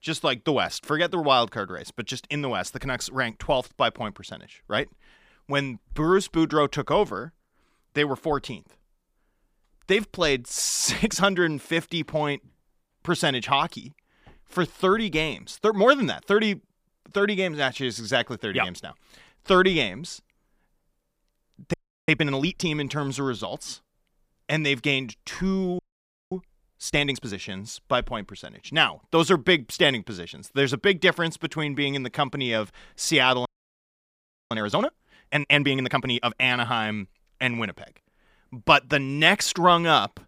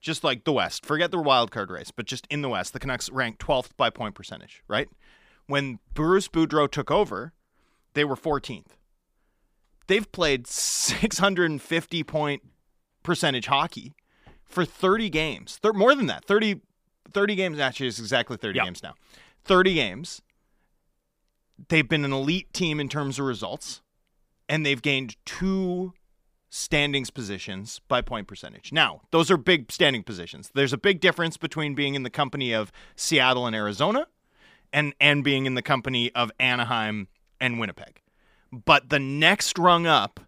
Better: second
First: audio freezing; at 22 s, at 26 s for 0.5 s and at 33 s for 1 s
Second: none

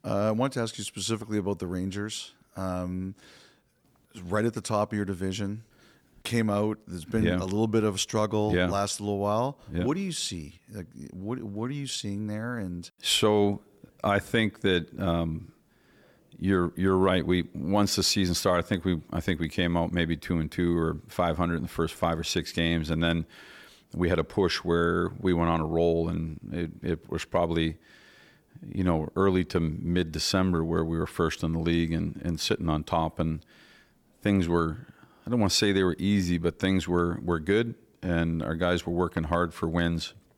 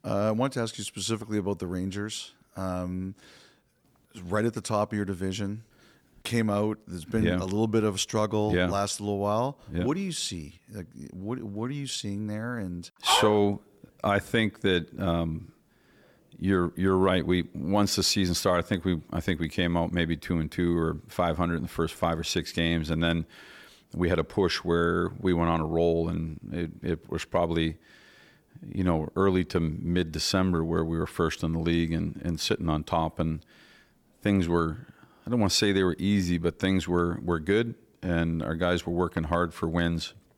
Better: first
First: none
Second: dog barking; loud; at 13 s; peak 1 dB above the speech

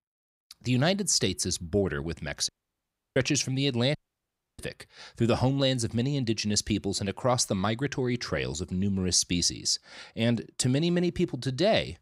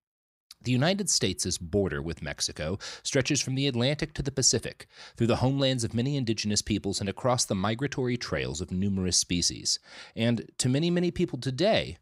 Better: second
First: audio cutting out; at 2.5 s for 0.5 s and at 4 s for 0.5 s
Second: none

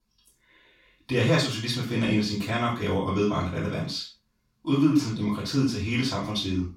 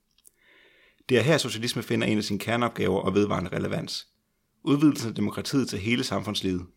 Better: second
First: room echo; noticeable; dies away in 0.3 s // off-mic speech; far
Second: none

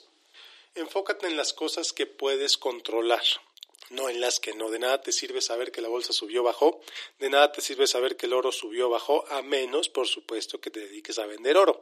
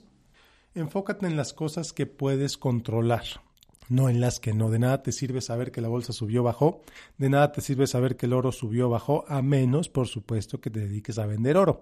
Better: second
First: thin; very; fading below 300 Hz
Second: none

